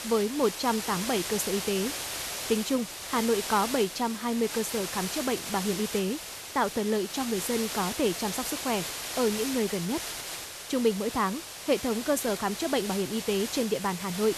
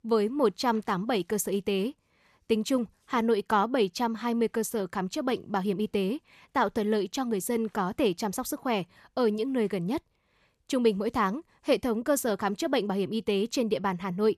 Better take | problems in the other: second | hiss; loud; throughout; 5 dB below the speech

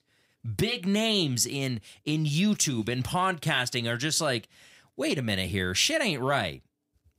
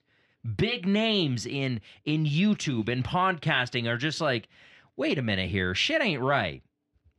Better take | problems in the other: first | muffled; slightly; fading above 3 kHz

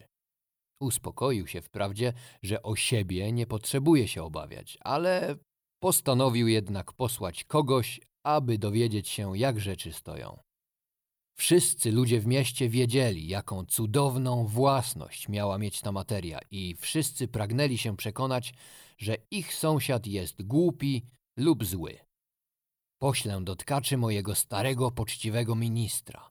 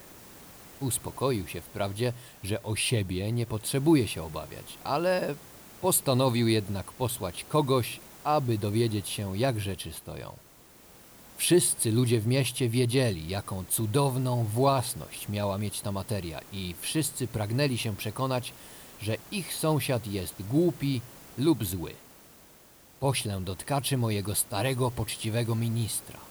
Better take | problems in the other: first | hiss; noticeable; throughout; 20 dB below the speech

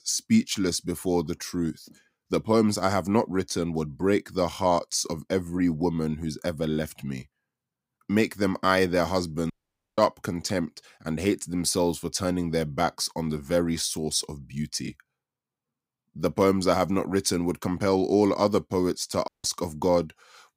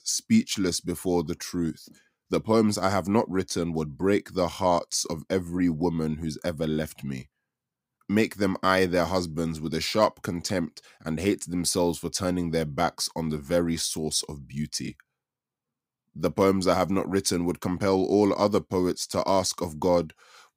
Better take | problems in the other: second | audio cutting out; at 9.5 s and at 19 s

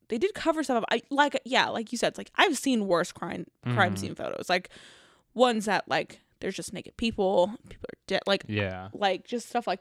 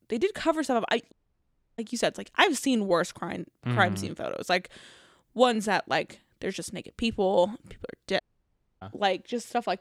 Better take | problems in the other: first | audio cutting out; at 1 s for 0.5 s and at 8 s for 0.5 s

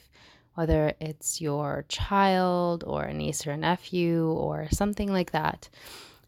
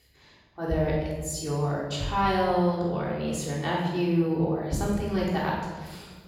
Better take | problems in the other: first | off-mic speech; far // room echo; strong; dies away in 1.2 s

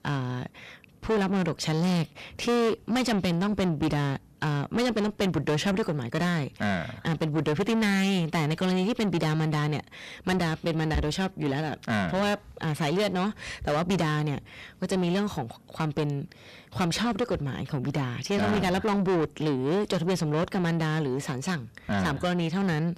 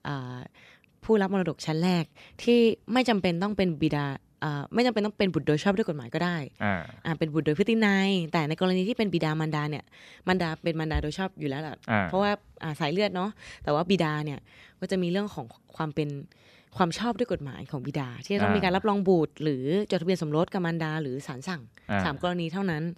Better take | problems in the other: second | distortion; heavy; 6 dB below the speech

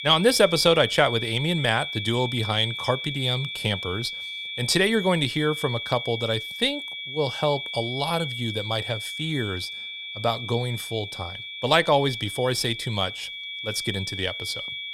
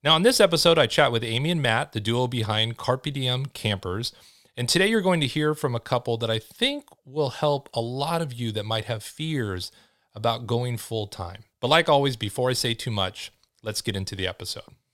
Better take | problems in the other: second | high-pitched whine; loud; throughout; 2.5 kHz, 6 dB below the speech

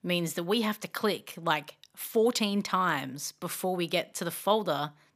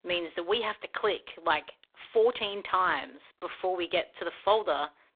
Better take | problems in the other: first | phone-call audio; poor line

